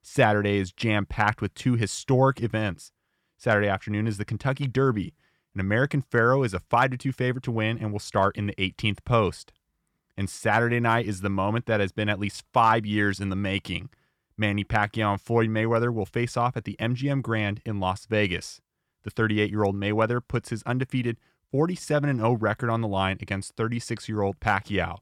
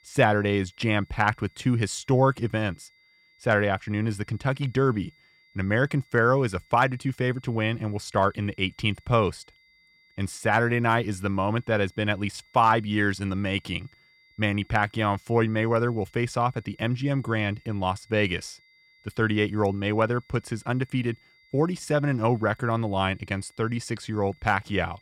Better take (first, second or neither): first